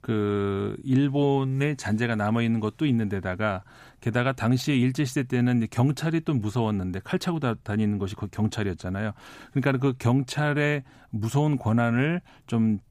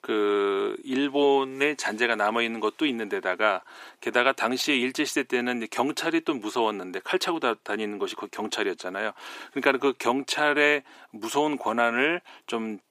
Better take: first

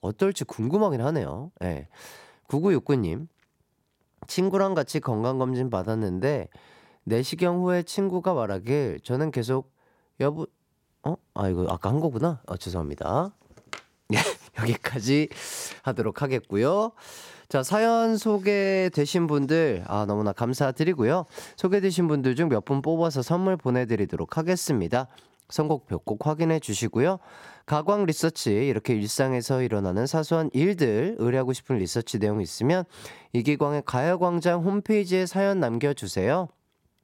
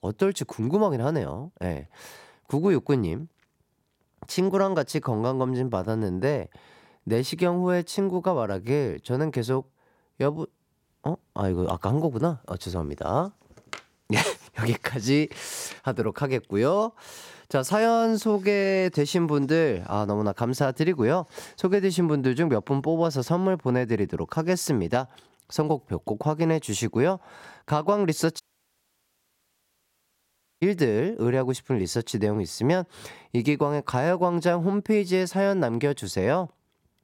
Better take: first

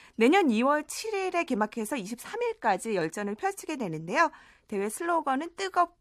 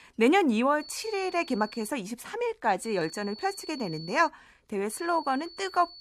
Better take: first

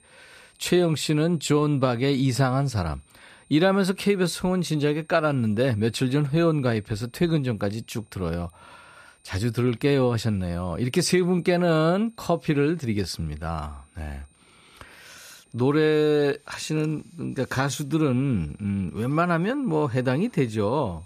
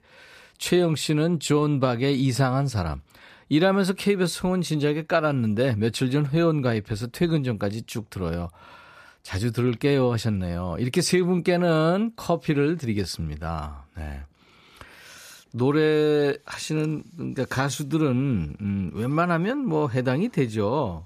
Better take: second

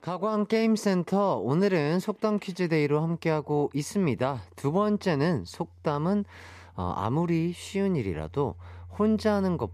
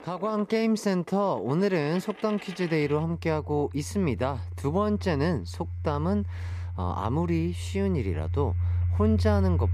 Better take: first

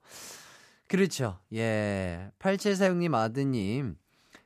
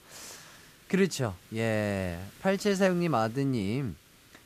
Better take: first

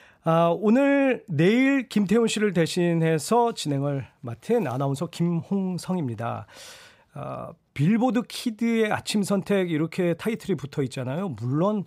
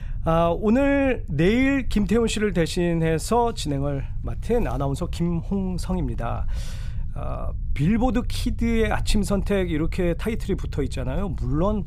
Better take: first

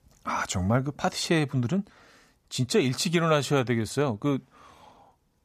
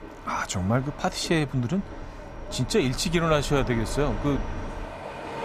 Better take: first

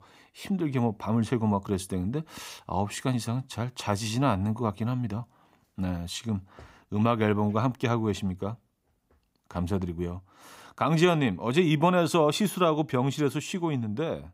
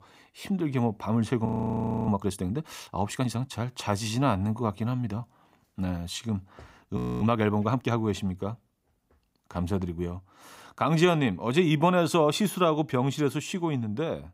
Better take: first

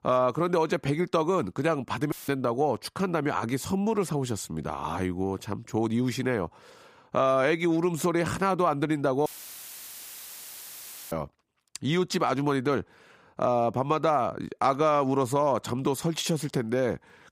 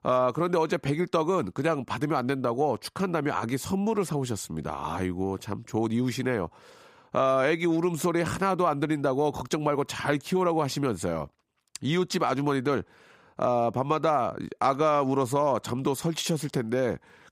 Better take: second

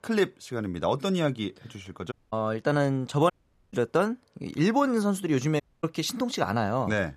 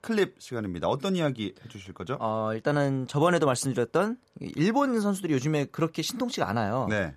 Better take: second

